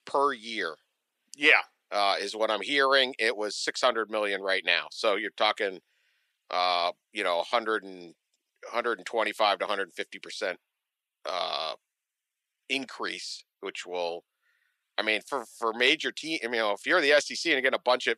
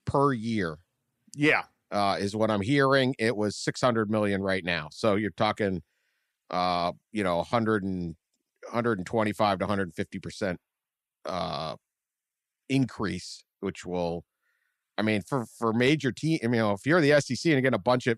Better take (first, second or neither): second